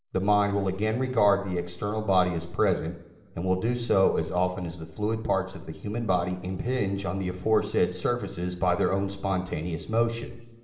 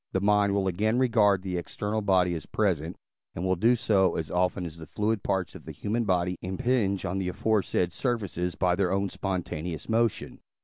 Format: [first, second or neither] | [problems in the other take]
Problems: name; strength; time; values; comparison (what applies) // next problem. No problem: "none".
second | room echo; dies away in 1.2 s